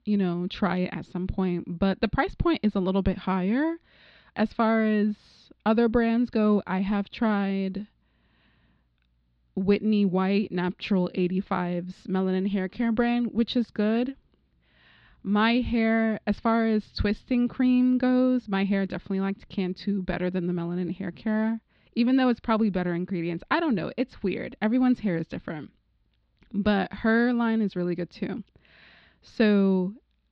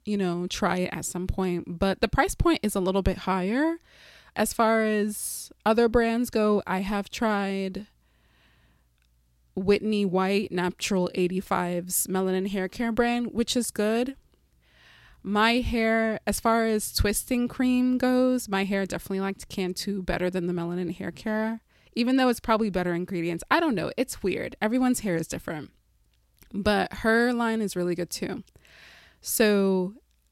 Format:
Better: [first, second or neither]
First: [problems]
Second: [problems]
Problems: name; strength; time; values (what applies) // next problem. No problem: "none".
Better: second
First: muffled; very slightly; fading above 4 kHz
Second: none